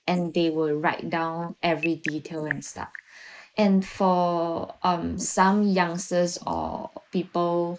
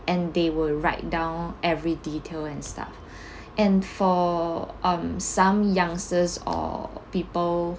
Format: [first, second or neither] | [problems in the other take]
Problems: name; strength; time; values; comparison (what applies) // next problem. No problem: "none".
second | noise reduction (neural mask model Resemble Enhance denoiser)